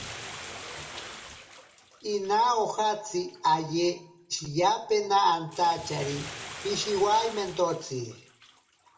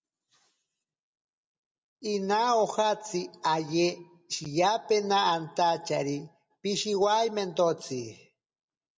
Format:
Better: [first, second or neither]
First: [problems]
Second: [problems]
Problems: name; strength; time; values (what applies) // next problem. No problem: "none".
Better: second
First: background sound (Bathtub (filling or washing)); 15 dB below the speech // room echo; dies away in 0.4 s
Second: none